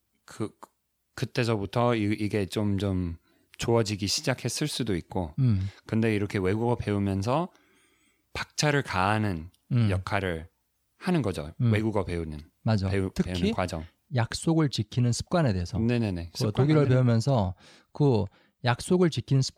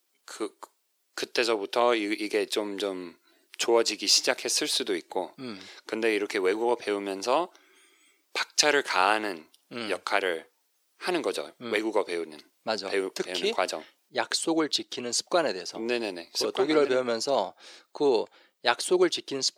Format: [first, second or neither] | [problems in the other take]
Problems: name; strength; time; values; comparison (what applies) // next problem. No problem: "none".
first | thin; very; fading below 350 Hz